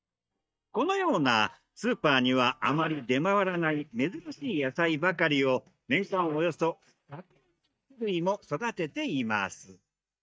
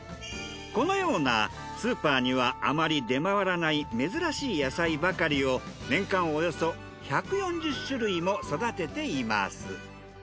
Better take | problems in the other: second | noise reduction (neural mask model DeepFilterNet 3)

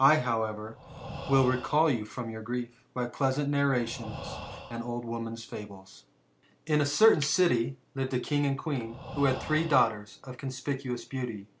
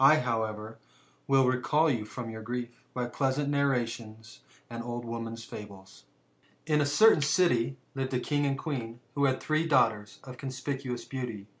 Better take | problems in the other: second | background sound (Breathing); 15 dB below the speech

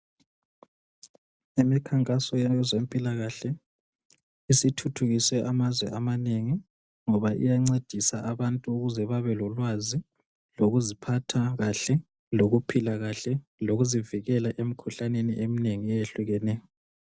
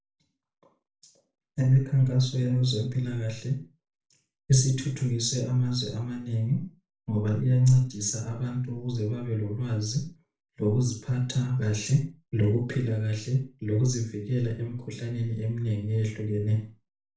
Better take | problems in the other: first | room echo; dies away in 0.3 s

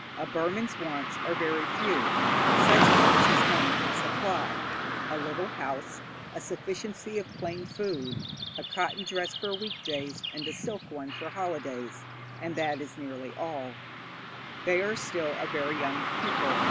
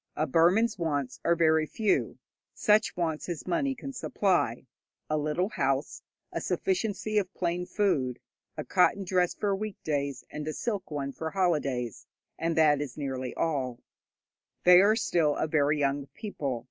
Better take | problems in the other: second | background sound (Car passing by / Traffic noise, roadway noise); 4 dB above the speech

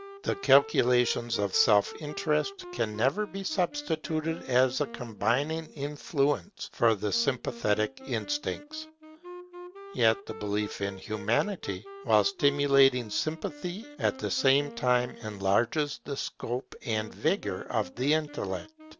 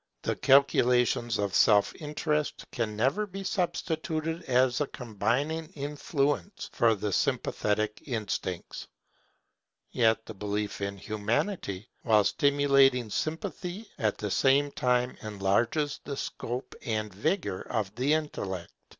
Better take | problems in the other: second | background sound (Wind instrument, woodwind instrument); 17 dB below the speech

